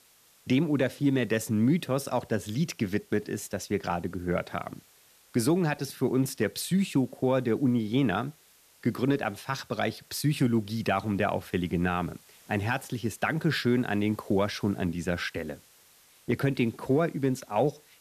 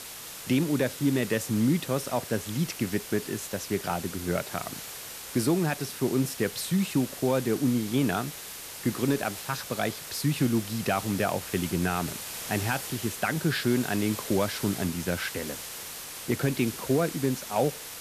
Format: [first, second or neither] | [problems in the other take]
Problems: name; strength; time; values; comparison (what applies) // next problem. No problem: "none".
first | hiss; loud; throughout; 9 dB below the speech; faint in the first